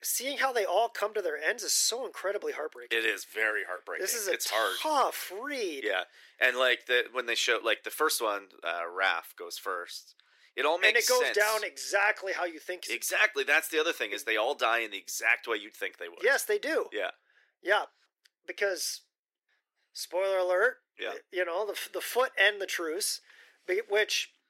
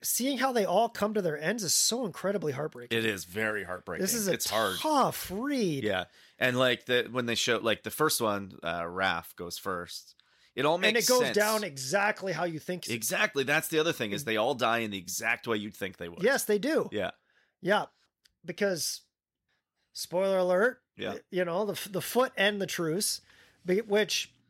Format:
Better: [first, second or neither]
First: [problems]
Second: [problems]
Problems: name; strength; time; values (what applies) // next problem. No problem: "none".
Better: second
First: thin; very; fading below 350 Hz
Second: none